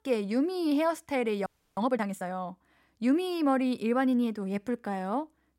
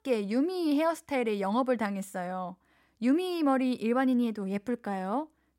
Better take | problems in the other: second | audio freezing; at 1.5 s

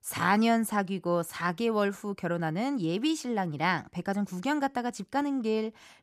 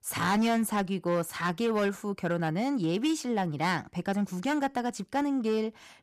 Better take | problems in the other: first | distortion; slight; 8% of the sound clipped

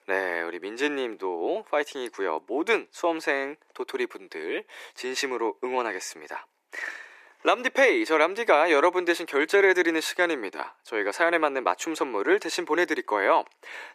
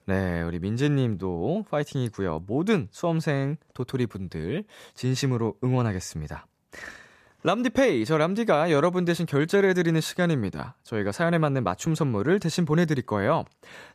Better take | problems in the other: second | thin; very; fading below 350 Hz

